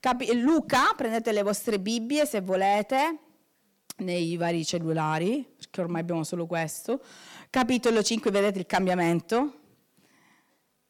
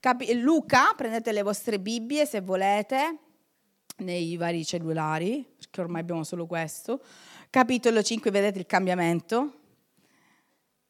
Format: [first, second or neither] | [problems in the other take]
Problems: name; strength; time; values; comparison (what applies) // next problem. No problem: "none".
second | distortion; slight; 10 dB below the speech